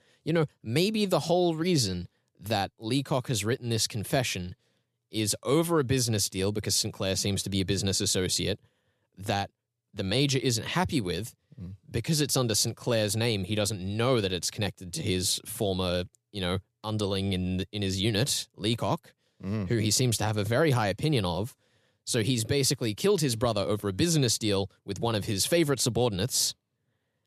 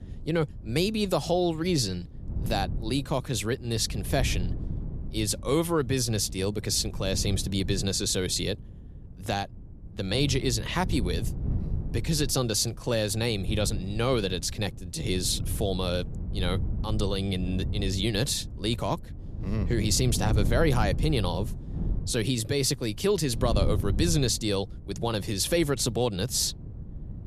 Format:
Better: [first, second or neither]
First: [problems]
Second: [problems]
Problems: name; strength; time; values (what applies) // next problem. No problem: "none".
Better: first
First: none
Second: wind noise on the microphone; occasional gusts; 15 dB below the speech